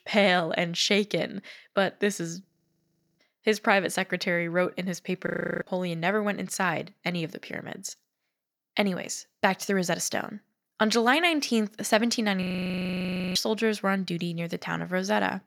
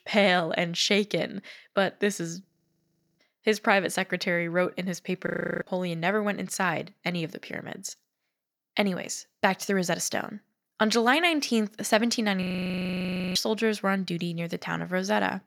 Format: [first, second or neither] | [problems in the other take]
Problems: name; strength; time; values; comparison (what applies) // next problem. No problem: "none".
neither | audio freezing; at 2.5 s for 0.5 s, at 5.5 s and at 12 s for 1 s; the same in both